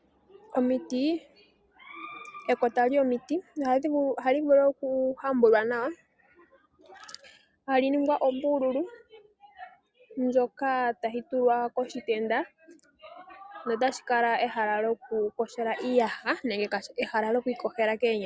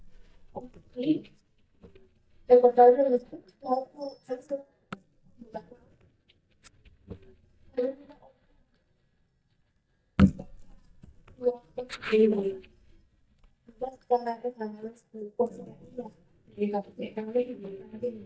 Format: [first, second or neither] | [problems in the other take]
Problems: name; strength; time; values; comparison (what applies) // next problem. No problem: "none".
first | noise reduction (neural mask model DeepFilterNet 3)